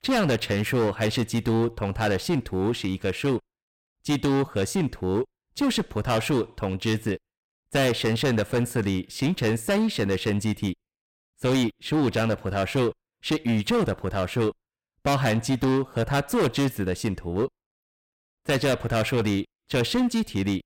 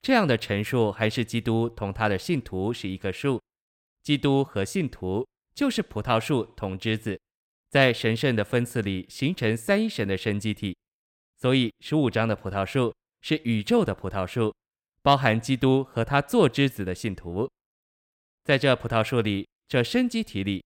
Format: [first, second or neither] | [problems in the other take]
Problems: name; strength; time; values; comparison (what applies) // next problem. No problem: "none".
second | distortion; heavy; 13% of the sound clipped